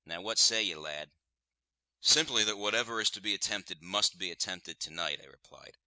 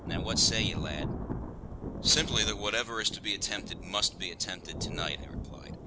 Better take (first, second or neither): first